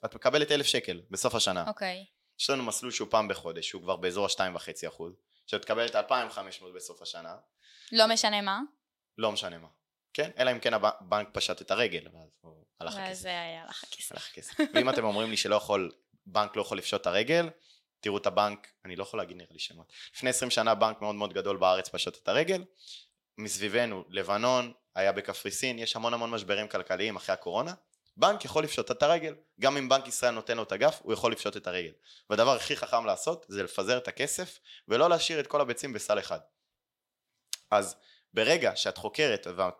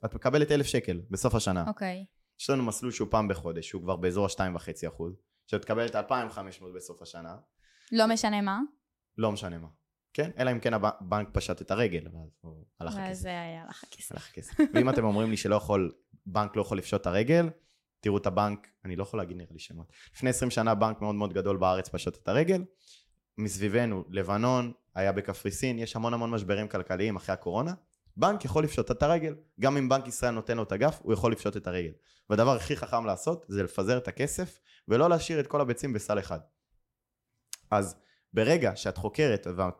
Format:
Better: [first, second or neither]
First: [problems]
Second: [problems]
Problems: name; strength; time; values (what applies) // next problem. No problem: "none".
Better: second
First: thin; somewhat; fading below 650 Hz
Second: none